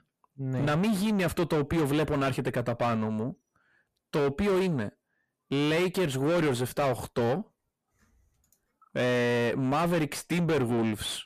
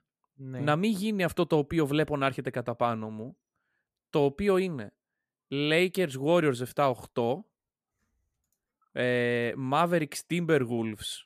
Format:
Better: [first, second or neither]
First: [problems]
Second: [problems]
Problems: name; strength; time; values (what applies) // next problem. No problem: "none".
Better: second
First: distortion; heavy; 5 dB below the speech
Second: none